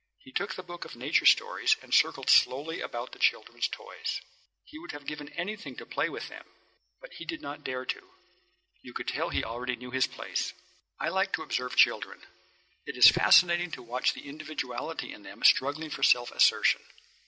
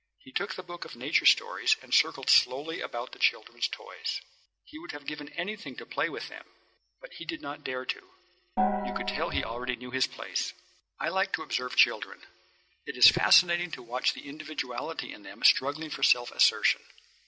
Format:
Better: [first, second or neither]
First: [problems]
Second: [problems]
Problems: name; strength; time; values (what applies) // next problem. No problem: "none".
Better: first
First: none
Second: background sound (Gong); as loud as the speech